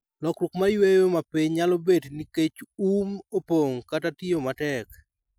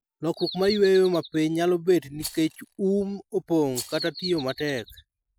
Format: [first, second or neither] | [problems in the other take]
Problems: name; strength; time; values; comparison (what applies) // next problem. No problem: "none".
first | background sound (Rattle + Bird vocalization, bird call, bird song); 14 dB below the speech